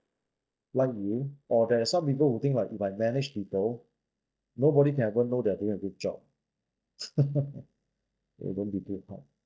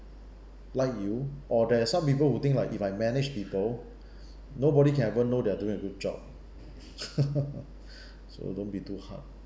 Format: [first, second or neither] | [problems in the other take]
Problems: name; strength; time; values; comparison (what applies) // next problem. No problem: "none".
second | noise reduction (neural mask model DeepFilterNet 3)